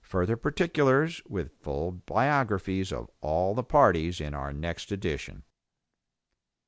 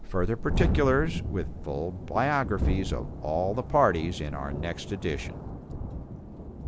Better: first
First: none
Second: background sound (Thunderstorm); 3 dB below the speech

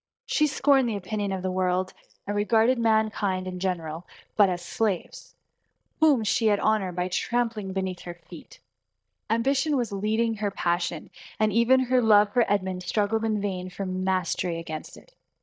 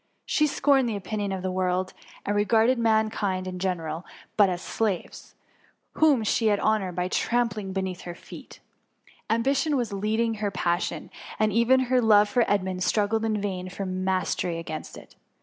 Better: second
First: noise reduction (neural mask model DeepFilterNet 3)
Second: none

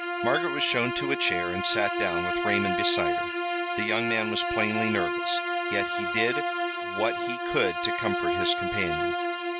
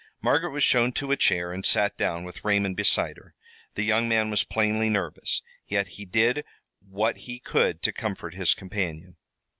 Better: second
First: background sound (Bowed string instrument); 2 dB above the speech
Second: none

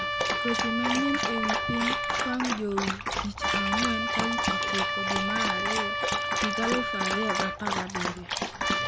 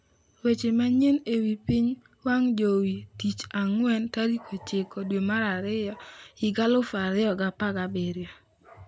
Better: second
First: background sound (Dog + Trumpet); 4 dB above the speech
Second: none

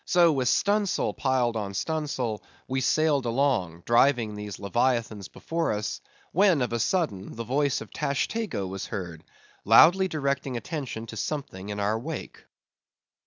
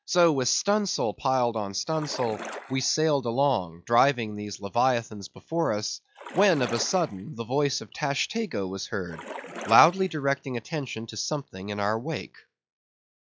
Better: first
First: none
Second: noise reduction (classical method log-MMSE)

